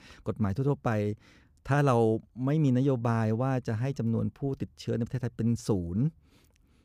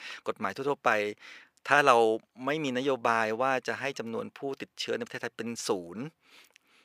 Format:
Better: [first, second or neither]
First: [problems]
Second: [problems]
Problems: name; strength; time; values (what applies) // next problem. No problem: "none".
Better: first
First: none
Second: thin; very; fading below 500 Hz